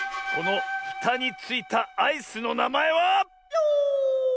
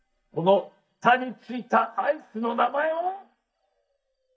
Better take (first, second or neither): first